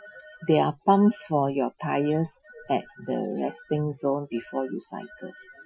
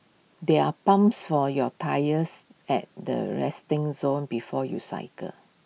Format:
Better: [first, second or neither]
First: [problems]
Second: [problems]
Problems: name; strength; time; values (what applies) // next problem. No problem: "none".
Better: second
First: noise reduction (classical method Wiener filter)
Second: none